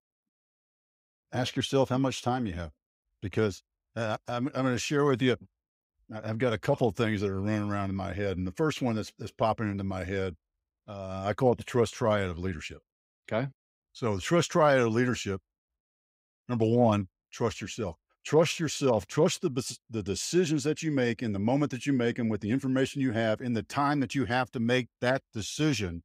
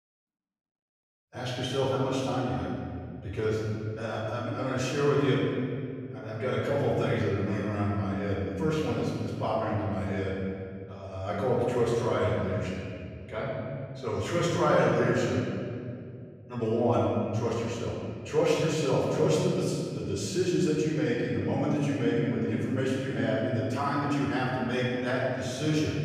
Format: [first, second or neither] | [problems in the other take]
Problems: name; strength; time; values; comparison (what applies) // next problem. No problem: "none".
first | room echo; strong; dies away in 2.3 s // off-mic speech; far